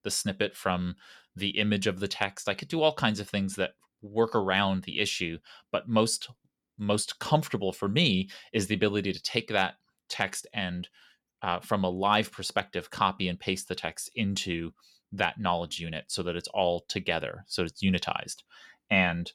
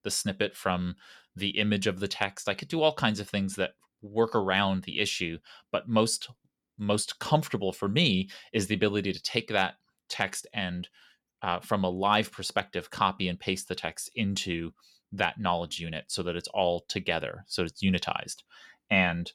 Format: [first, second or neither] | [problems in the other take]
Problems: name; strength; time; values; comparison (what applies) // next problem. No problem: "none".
neither | none